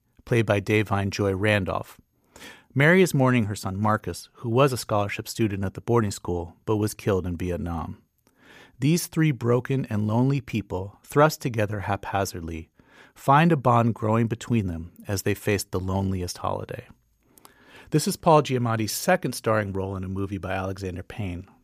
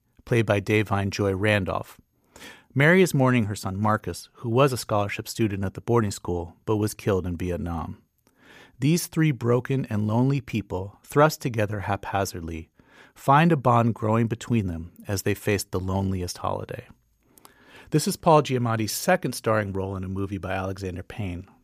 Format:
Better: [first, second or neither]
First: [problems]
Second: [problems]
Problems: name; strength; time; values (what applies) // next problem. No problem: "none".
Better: neither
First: none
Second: none